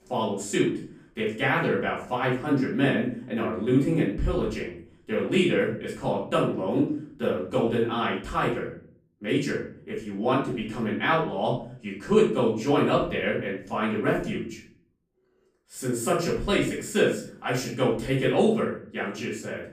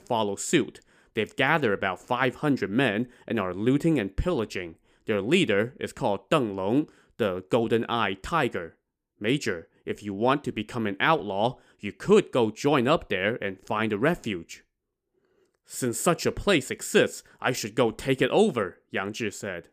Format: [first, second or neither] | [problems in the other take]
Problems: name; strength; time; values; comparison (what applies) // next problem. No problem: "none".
second | off-mic speech; far // room echo; noticeable; dies away in 0.4 s